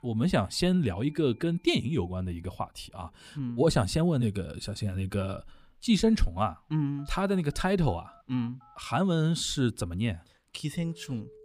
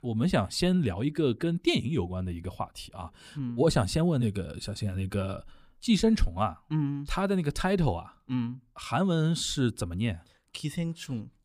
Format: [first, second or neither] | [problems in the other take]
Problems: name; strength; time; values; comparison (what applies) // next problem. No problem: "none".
second | alarms or sirens; faint; throughout; 30 dB below the speech